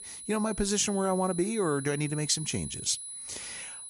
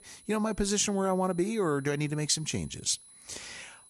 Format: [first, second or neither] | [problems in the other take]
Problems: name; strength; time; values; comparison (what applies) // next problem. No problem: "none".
second | high-pitched whine; loud; throughout; 10 kHz, 9 dB below the speech; faint in the second